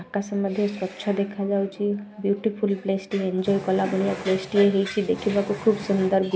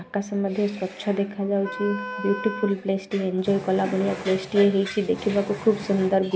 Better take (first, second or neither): first